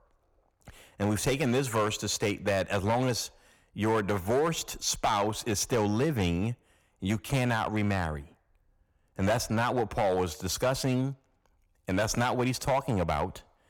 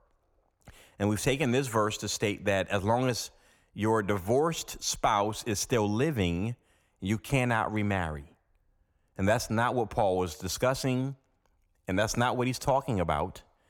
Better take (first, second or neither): second